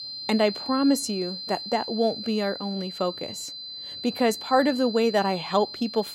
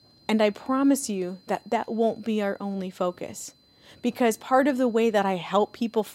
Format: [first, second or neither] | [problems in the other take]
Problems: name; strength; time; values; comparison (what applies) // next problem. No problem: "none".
second | high-pitched whine; loud; throughout; 4 kHz, 9 dB below the speech; faint in the second